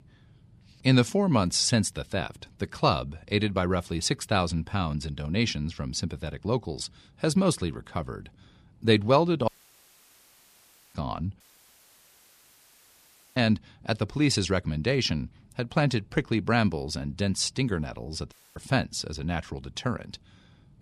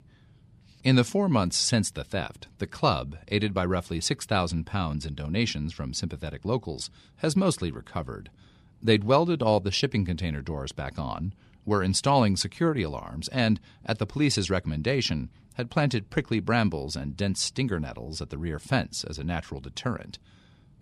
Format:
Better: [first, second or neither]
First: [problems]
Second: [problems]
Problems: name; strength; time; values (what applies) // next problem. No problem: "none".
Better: second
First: audio cutting out; at 9.5 s for 1.5 s, at 11 s for 2 s and at 18 s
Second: none